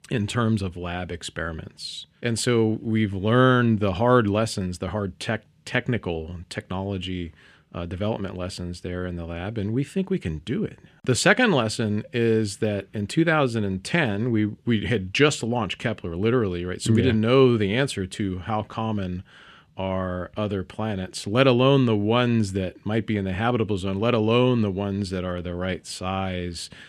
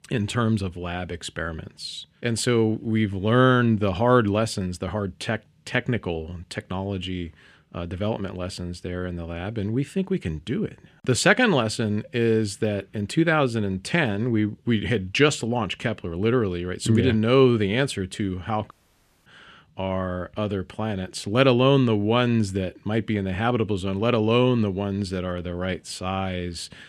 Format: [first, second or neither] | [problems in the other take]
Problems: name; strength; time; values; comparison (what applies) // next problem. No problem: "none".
first | audio cutting out; at 19 s for 0.5 s